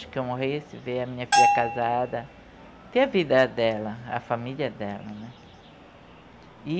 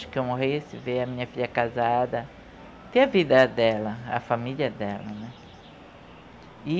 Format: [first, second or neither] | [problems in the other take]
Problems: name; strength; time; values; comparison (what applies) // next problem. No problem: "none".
second | background sound (Bell); 3 dB above the speech